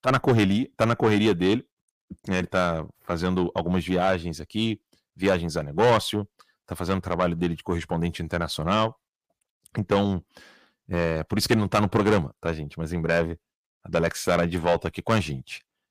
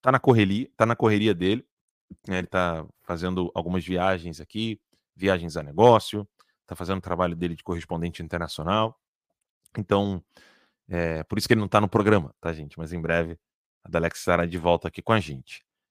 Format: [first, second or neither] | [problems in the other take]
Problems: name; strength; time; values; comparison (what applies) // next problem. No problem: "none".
second | distortion; heavy; 7 dB below the speech